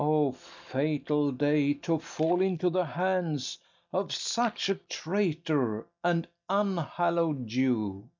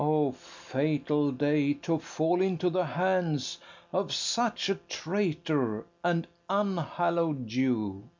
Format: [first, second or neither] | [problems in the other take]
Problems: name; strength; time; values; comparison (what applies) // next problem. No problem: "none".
second | noise reduction (neural mask model DeepFilterNet 3)